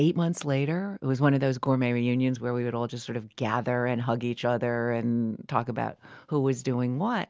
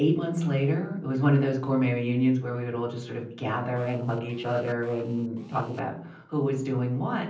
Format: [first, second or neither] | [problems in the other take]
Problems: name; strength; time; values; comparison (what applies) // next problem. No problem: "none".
first | noise reduction (neural separator model SepFormer DNS4)